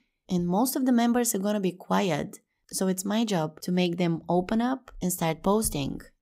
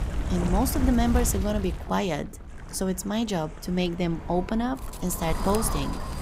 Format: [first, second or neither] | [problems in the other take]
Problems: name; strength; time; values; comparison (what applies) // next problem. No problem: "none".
first | wind noise on the microphone; heavy; 8 dB below the speech